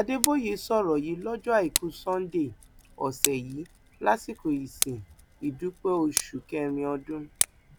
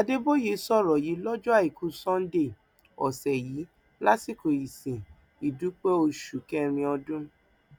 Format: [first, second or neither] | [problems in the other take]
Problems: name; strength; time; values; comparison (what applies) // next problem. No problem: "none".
second | background sound (Tick); 6 dB below the speech